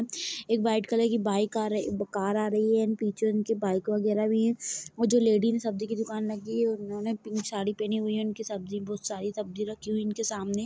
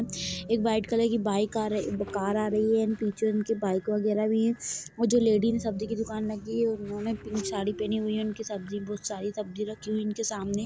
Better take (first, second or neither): first